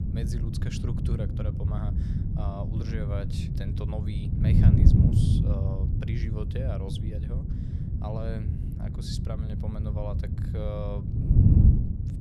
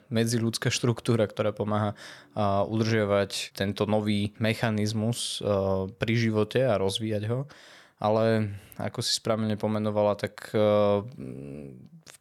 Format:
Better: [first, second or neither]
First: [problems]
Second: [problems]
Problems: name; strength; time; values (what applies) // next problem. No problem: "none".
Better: second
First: wind noise on the microphone; heavy; 2 dB above the speech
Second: none